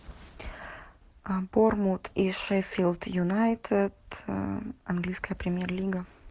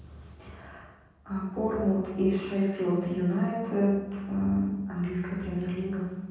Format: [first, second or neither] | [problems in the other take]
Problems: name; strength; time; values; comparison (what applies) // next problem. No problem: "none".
first | room echo; dies away in 1.3 s